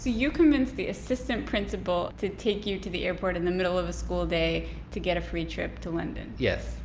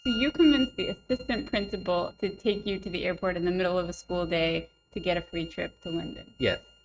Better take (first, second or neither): first